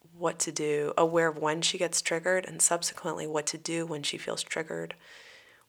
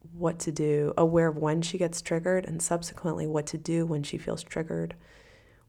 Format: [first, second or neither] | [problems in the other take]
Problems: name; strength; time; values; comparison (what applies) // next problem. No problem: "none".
second | thin; somewhat; fading below 1 kHz